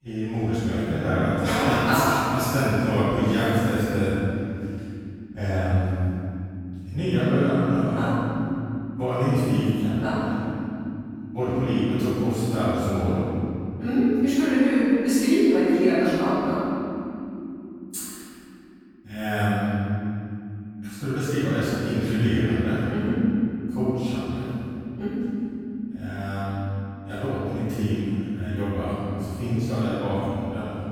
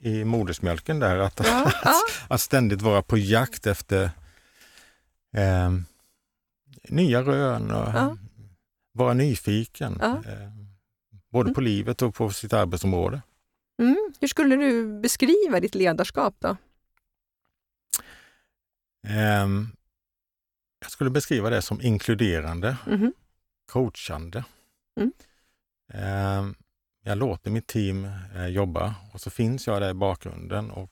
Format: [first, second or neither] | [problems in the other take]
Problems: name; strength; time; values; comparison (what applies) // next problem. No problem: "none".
second | room echo; strong; dies away in 3 s // off-mic speech; far